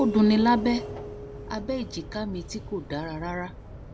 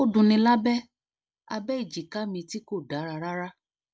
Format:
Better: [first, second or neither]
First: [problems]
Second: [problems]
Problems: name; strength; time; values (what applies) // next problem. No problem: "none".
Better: second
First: background sound (Keyboard (musical) + Sliding door); 10 dB below the speech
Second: none